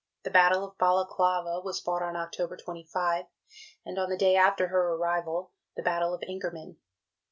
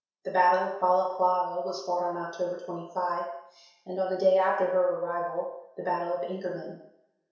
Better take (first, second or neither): first